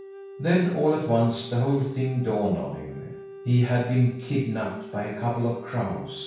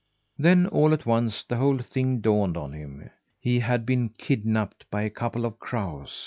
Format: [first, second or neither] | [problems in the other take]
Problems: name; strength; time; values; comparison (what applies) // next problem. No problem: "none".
second | background sound (Wind instrument, woodwind instrument); 16 dB below the speech // room echo; dies away in 0.7 s